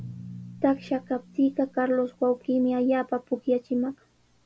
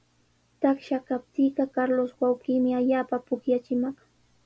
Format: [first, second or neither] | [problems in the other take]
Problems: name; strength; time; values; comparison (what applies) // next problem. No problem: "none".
second | background sound (Drum); 20 dB below the speech